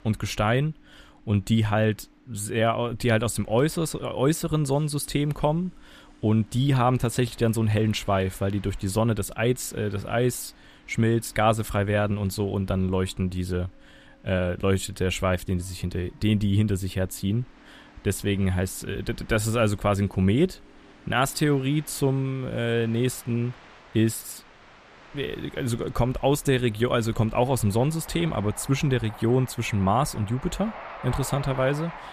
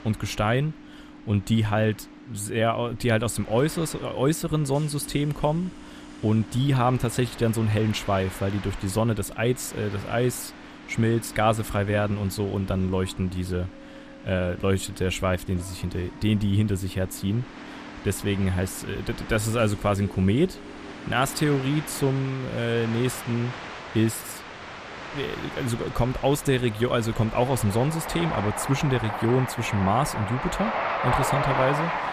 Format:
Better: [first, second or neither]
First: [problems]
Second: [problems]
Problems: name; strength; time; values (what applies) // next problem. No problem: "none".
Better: first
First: train or aircraft noise; faint; throughout; 20 dB below the speech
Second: train or aircraft noise; loud; throughout; 10 dB below the speech